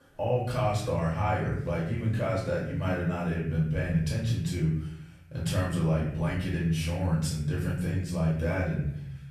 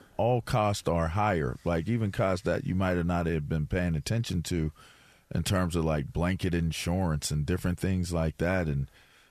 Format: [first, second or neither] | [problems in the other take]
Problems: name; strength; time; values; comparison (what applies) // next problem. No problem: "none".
second | room echo; noticeable; dies away in 0.7 s // off-mic speech; far